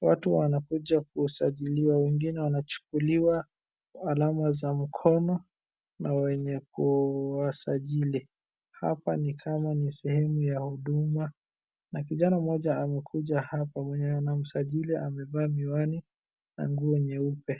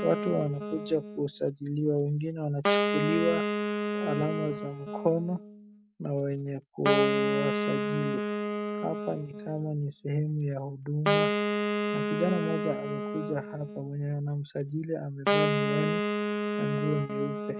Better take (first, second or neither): first